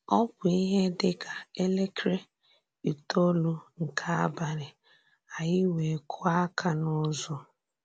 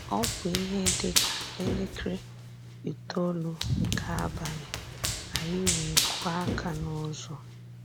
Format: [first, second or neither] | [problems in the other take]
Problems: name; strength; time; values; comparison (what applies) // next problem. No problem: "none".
first | background sound (Run); 1 dB above the speech